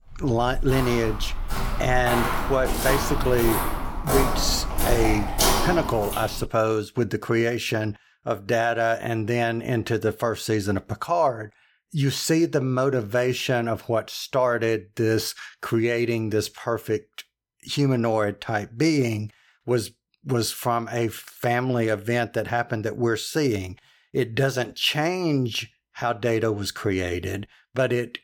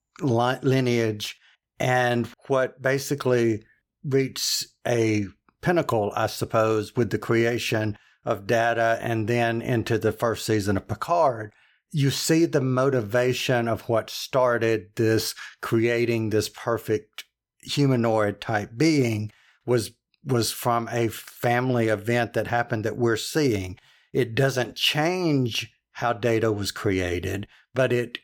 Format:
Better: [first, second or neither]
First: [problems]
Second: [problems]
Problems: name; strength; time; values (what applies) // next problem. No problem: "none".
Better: second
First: footsteps; loud; until 6.5 s; peak 4 dB above the speech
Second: none